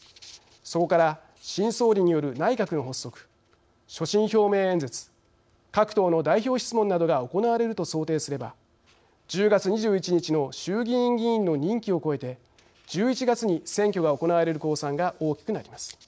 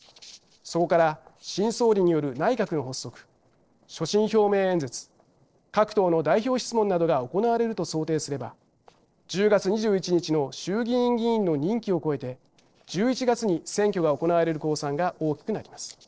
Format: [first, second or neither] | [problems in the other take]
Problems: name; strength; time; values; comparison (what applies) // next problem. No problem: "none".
first | noise reduction (neural separator model SepFormer DNS4)